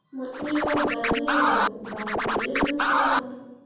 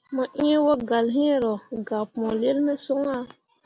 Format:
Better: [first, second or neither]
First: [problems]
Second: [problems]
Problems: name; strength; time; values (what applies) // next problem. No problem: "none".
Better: second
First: background sound (Scratching (performance technique)); 5 dB above the speech // room echo; dies away in 1.3 s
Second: none